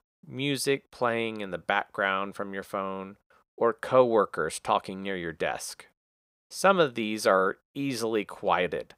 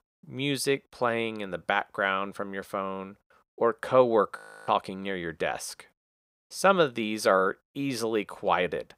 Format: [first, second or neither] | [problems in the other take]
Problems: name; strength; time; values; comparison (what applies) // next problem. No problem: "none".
first | audio freezing; at 4.5 s